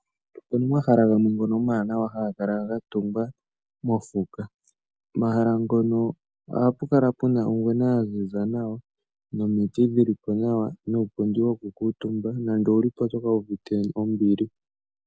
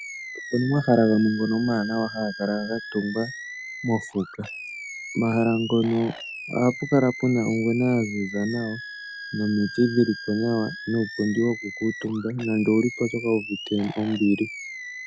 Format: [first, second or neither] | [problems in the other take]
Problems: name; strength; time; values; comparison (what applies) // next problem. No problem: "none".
first | background sound (Animal); 12 dB below the speech